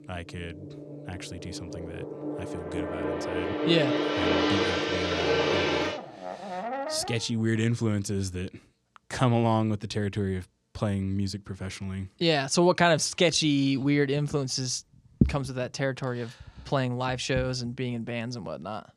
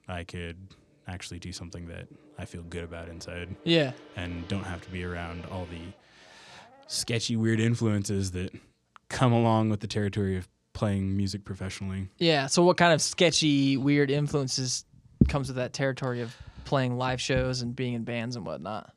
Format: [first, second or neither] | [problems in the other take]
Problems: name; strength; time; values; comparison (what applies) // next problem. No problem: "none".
second | background music; loud; until 7 s; 1 dB below the speech; faint in the second